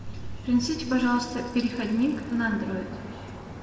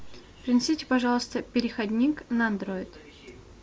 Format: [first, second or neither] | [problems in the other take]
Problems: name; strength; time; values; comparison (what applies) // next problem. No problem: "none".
second | background sound (Bicycle); 13 dB below the speech // room echo; dies away in 1.9 s